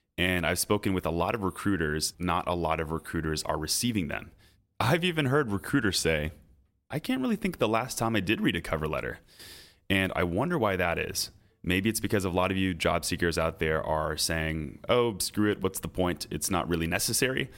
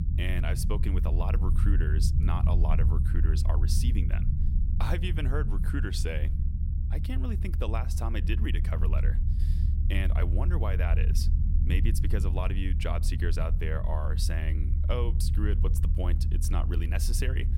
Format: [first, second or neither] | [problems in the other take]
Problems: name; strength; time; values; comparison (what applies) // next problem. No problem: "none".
first | low rumble; loud; throughout; 7 dB below the speech